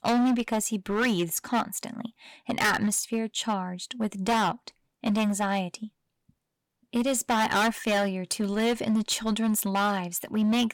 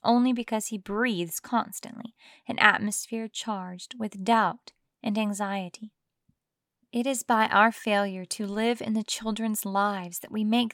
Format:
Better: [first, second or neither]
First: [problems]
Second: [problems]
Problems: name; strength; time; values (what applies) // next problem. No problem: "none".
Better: second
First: distortion; heavy; 11% of the sound clipped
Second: none